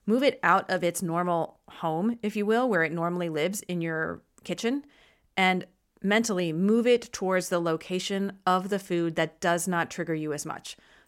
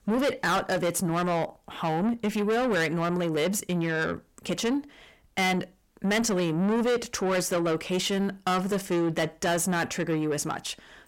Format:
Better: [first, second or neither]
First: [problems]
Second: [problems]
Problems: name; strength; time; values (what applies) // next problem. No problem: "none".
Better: first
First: none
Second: distortion; heavy; 7 dB below the speech